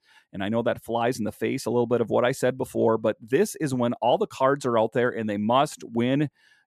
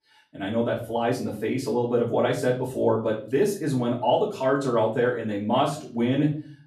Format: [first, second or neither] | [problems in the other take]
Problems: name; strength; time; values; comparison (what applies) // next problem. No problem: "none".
first | off-mic speech; far // room echo; slight; dies away in 0.4 s